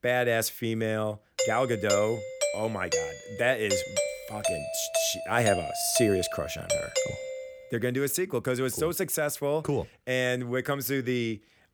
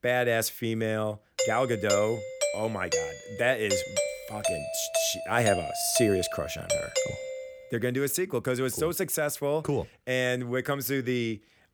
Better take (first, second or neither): neither